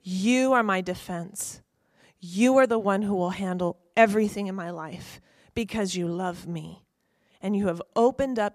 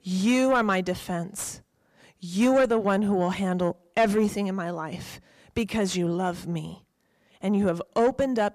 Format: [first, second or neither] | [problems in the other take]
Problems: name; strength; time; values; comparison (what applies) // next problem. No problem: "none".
first | distortion; slight; 10 dB below the speech